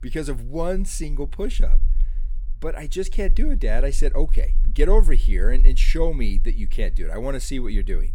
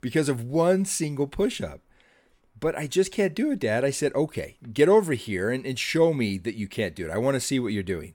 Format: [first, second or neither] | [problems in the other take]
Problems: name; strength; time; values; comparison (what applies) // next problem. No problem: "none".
second | low rumble; faint; throughout; 25 dB below the speech